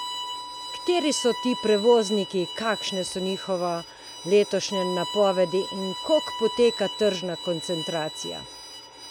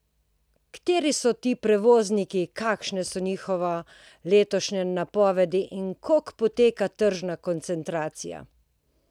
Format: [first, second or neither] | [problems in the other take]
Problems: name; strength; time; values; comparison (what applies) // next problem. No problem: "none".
second | background sound (Bowed string instrument); 10 dB below the speech